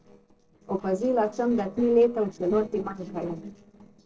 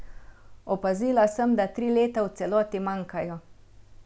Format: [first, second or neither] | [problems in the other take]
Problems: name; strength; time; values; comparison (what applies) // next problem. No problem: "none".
second | noise reduction (neural separator model SepFormer DNS4)